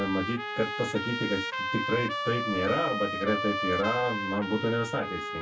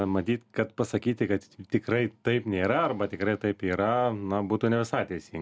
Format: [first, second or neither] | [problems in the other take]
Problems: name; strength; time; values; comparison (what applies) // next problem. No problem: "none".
second | background sound (Trumpet); 3 dB below the speech // room echo; dies away in 0.1 s